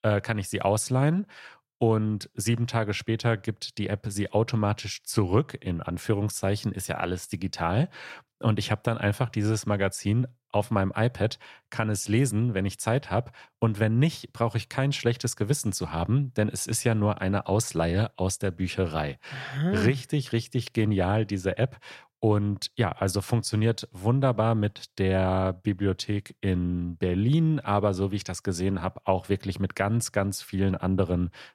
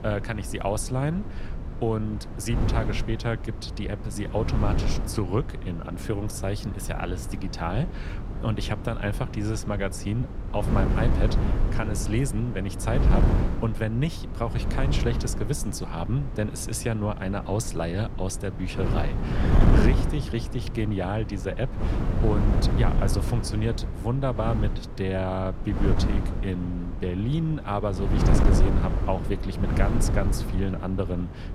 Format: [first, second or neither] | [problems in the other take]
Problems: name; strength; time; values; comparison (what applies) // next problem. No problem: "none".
first | wind noise on the microphone; heavy; 5 dB below the speech